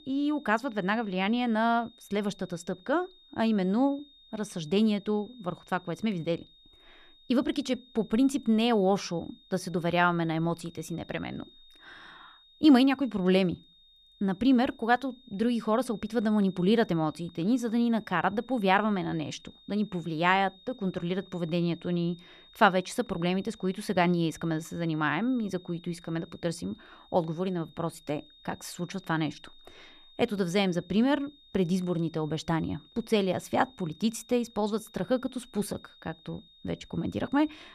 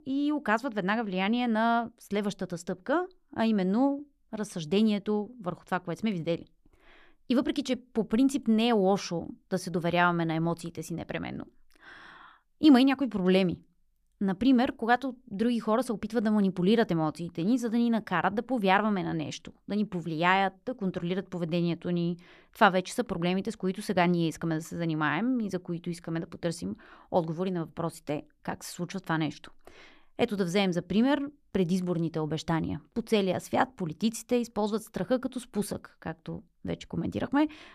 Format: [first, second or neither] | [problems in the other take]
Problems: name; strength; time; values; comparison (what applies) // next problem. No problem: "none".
second | high-pitched whine; faint; throughout; 3.5 kHz, 25 dB below the speech